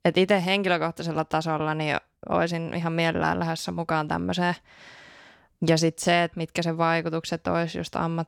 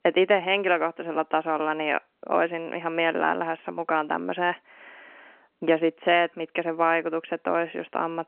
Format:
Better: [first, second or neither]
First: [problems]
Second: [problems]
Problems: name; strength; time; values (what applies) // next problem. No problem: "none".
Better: first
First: none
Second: phone-call audio; nothing above 3 kHz